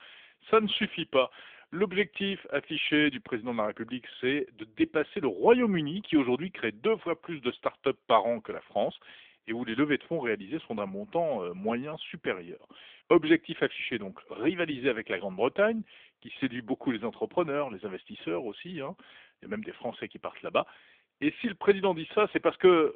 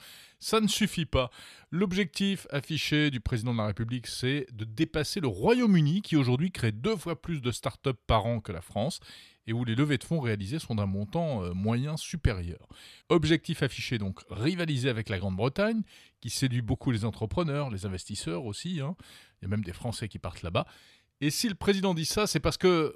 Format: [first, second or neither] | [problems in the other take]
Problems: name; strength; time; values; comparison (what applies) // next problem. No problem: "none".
second | phone-call audio; nothing above 3.5 kHz